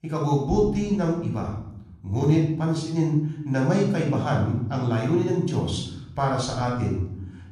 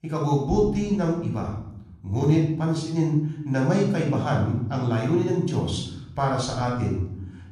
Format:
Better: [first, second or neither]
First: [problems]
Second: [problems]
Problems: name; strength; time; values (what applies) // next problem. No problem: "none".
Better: neither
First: off-mic speech; far // room echo; noticeable; dies away in 0.8 s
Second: off-mic speech; far // room echo; noticeable; dies away in 0.8 s